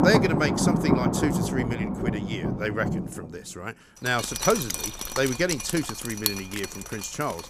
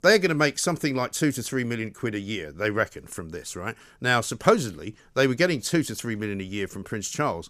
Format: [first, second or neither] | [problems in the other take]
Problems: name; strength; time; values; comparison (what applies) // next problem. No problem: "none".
second | rain or running water; very loud; throughout; 1 dB above the speech